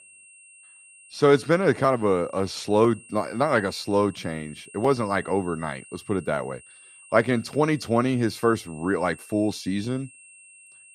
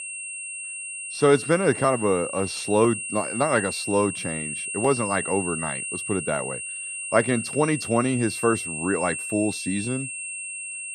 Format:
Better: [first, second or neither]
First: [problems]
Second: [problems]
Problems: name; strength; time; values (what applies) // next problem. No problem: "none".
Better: first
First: high-pitched whine; faint; throughout; 2.5 kHz, 20 dB below the speech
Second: high-pitched whine; loud; throughout; 2.5 kHz, 6 dB below the speech